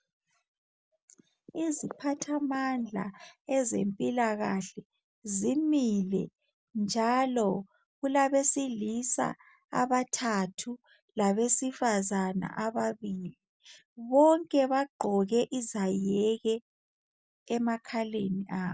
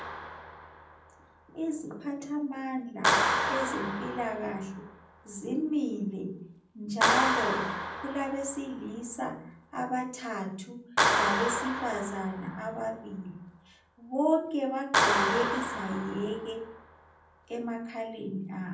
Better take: first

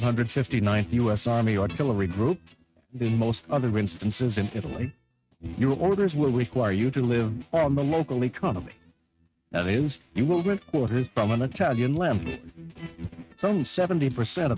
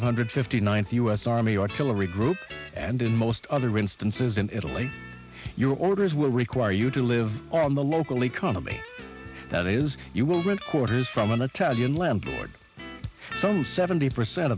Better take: second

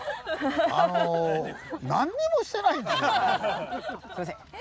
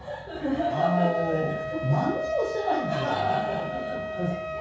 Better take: first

